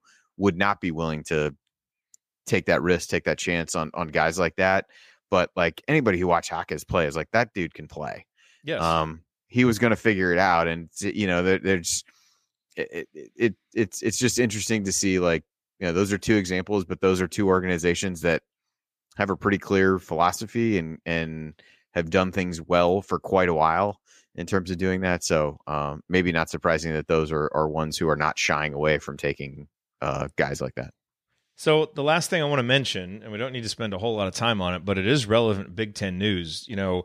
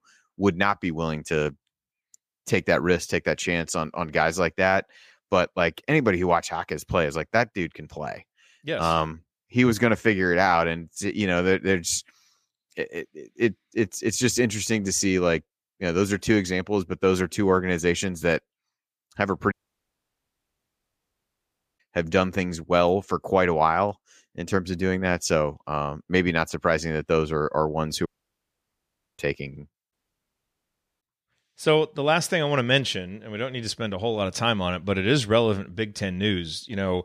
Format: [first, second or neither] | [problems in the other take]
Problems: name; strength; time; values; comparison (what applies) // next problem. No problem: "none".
first | audio cutting out; at 20 s for 2.5 s, at 28 s for 1 s and at 30 s for 1 s